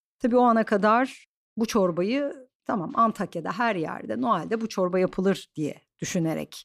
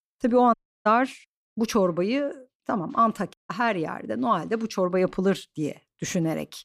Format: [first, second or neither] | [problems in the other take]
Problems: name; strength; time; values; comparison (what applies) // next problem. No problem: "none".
first | audio cutting out; at 0.5 s and at 3.5 s